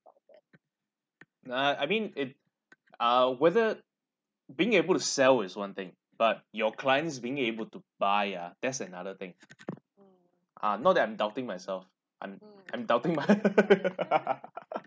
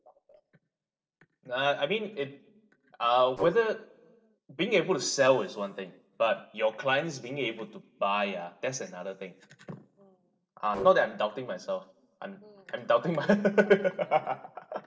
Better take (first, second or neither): first